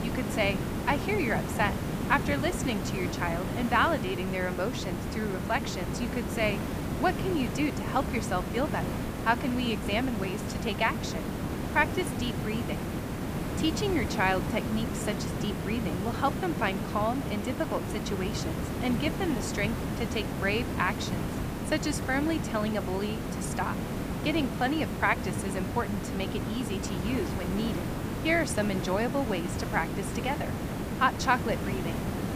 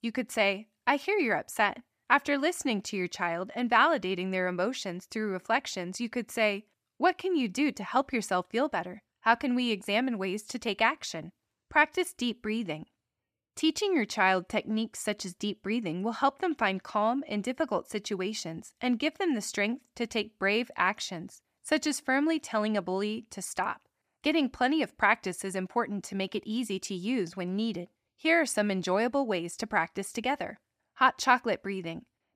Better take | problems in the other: second | hiss; loud; throughout; 2 dB below the speech

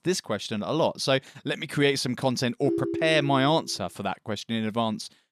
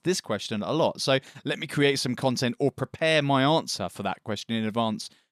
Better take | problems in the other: second | phone ringing; noticeable; at 2.5 s; peak 2 dB below the speech

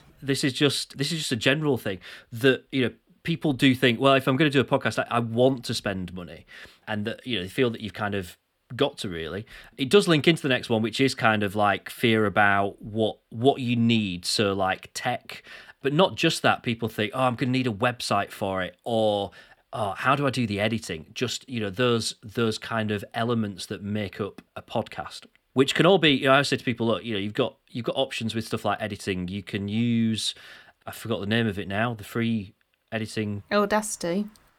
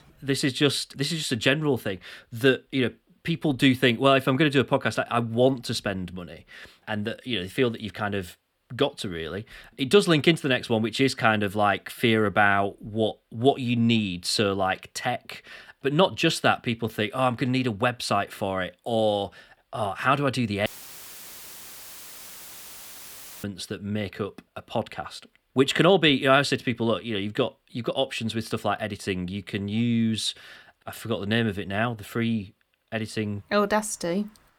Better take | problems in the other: first | audio cutting out; filled with static; at 21 s for 3 s

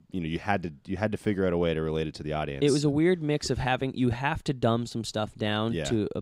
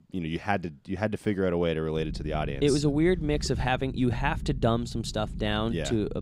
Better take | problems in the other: first | low rumble; faint; from 2 s on; 20 dB below the speech

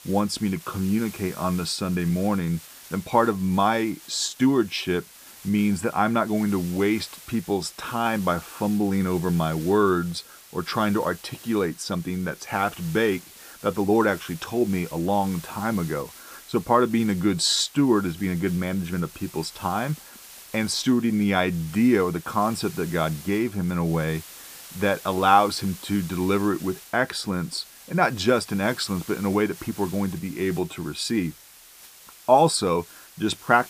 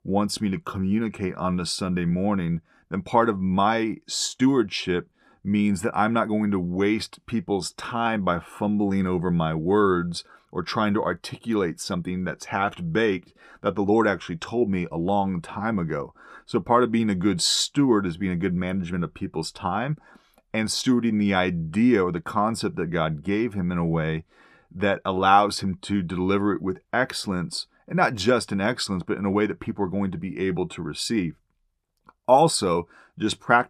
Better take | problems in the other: second | hiss; noticeable; throughout; 20 dB below the speech

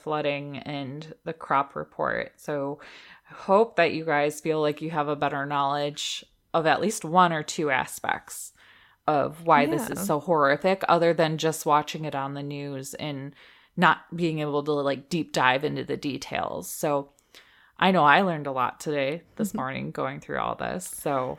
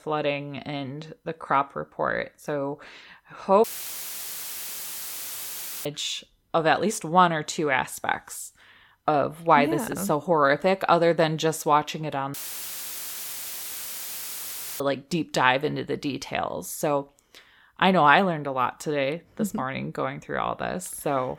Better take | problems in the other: first | audio cutting out; filled with static; at 3.5 s for 2 s and at 12 s for 2.5 s

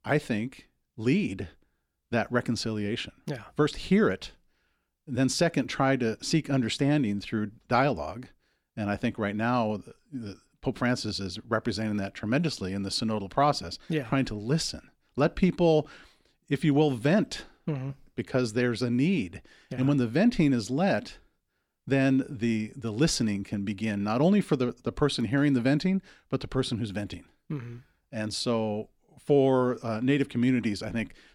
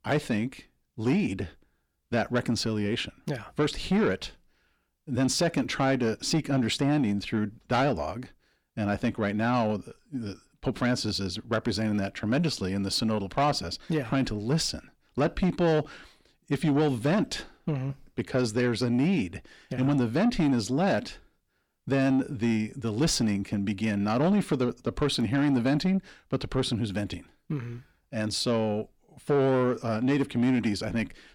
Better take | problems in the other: first | distortion; slight; 10 dB below the speech

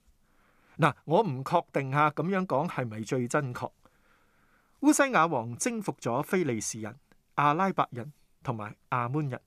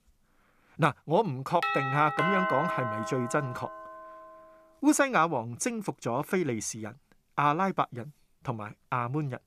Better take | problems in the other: first | doorbell; loud; from 1.5 to 4 s; peak 2 dB above the speech

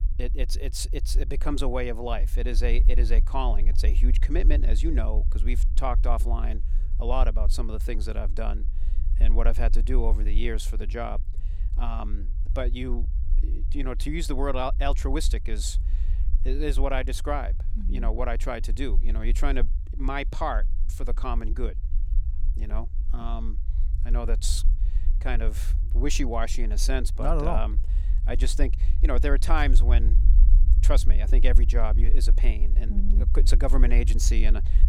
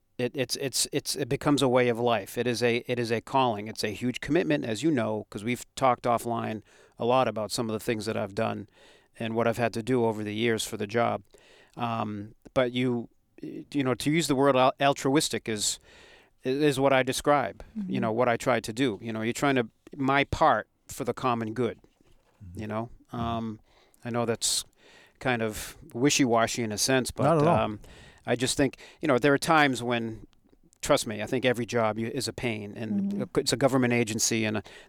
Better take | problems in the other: second | low rumble; noticeable; throughout; 15 dB below the speech

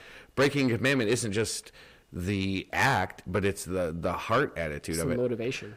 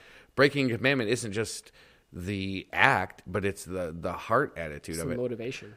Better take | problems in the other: second | distortion; heavy; 8 dB below the speech

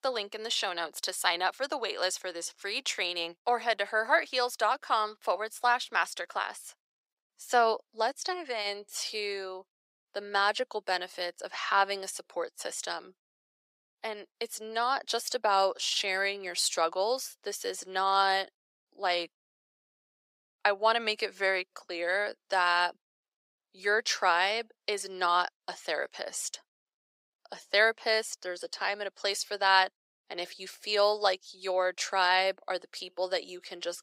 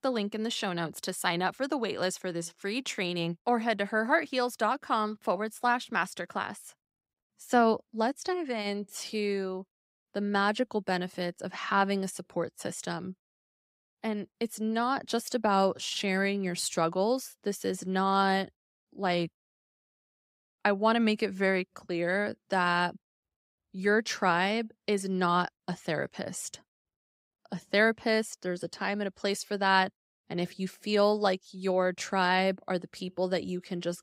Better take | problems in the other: second | thin; very; fading below 500 Hz

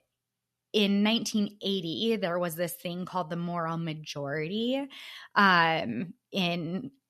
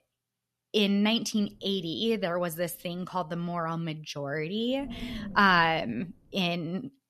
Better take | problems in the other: first | wind noise on the microphone; occasional gusts; from 1.5 to 3.5 s and from 4.5 to 6.5 s; 20 dB below the speech

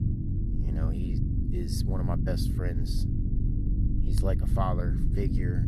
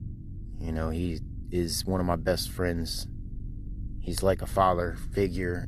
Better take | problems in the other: second | low rumble; loud; throughout; 3 dB below the speech; faint in the second

